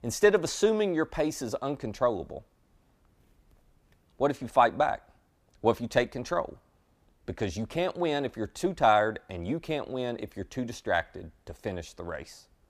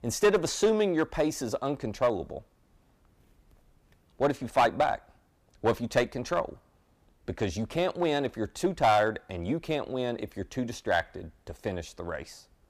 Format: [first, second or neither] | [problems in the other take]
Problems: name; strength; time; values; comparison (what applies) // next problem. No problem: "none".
first | distortion; slight; 1.6% of the sound clipped